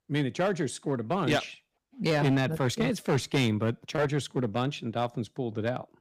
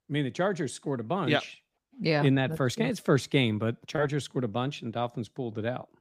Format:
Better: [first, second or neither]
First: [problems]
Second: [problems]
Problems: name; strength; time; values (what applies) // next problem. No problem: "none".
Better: second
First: distortion; slight; 4% of the sound clipped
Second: none